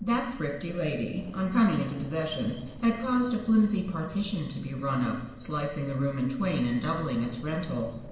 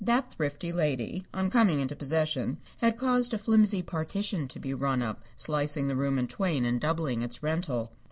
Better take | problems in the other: second | background sound (Fire); 20 dB below the speech // room echo; dies away in 1.1 s

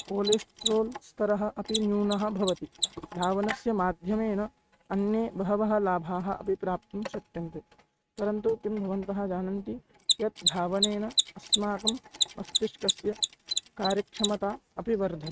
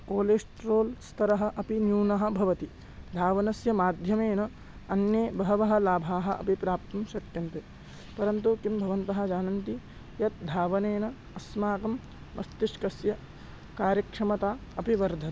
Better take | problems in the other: second | noise reduction (neural mask model RNNoise)

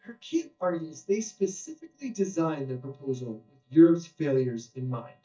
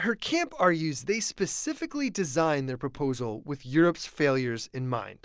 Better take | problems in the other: second | noise reduction (neural mask model DeepFilterNet 3)

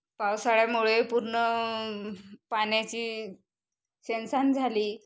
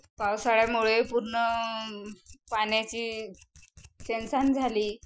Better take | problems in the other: first | noise reduction (classical method Wiener filter)

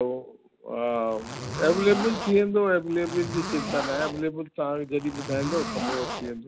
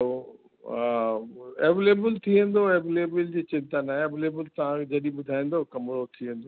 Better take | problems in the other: second | background sound (Zipper (clothing)); 8 dB below the speech

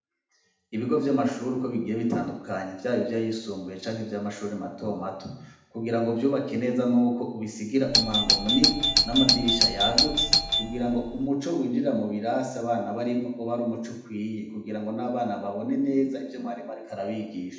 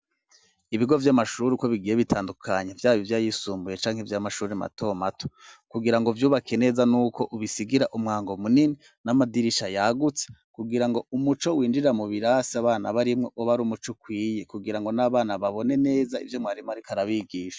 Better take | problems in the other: second | background sound (Doorbell); 4 dB above the speech // room echo; dies away in 0.8 s

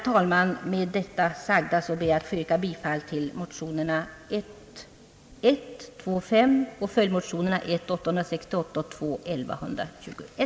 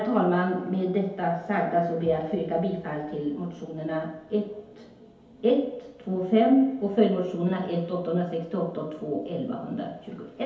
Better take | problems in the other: first | room echo; dies away in 2.2 s

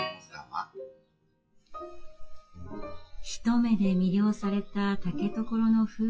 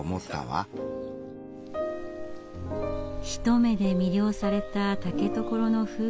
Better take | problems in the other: second | noise reduction (classical method WPE with log-MMSE)

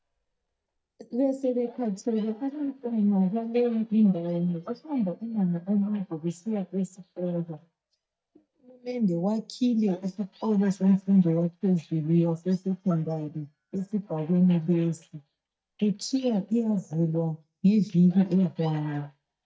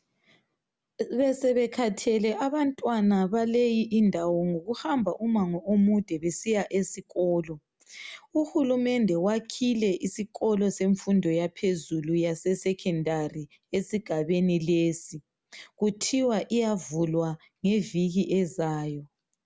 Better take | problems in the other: second | noise reduction (neural mask model DeepFilterNet 3)

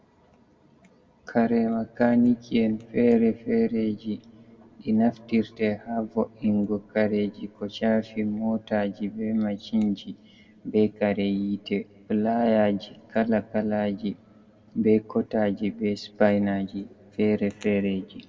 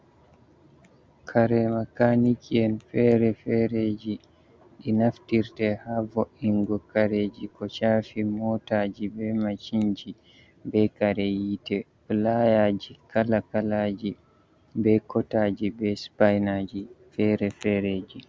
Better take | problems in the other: second | room echo; dies away in 1.4 s

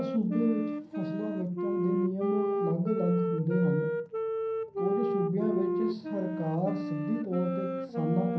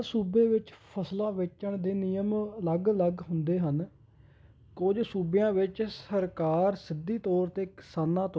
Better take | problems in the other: second | background sound (Wind instrument, woodwind instrument); 1 dB below the speech // room echo; dies away in 0.6 s

